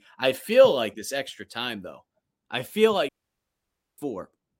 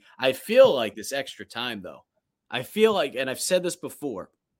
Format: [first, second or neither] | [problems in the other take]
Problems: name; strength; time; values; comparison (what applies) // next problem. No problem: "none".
second | audio cutting out; at 3 s for 1 s